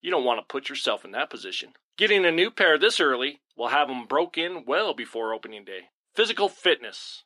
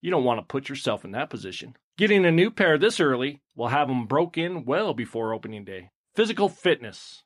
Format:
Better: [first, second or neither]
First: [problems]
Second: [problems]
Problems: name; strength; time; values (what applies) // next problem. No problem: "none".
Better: second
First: thin; somewhat; fading below 350 Hz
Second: none